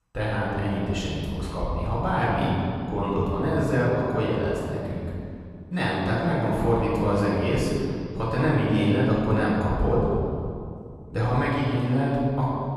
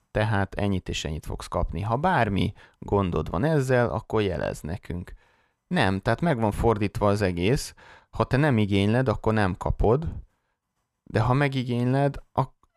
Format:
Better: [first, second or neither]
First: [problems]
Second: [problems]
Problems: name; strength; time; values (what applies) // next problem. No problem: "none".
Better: second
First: room echo; strong; dies away in 2.2 s // off-mic speech; far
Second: none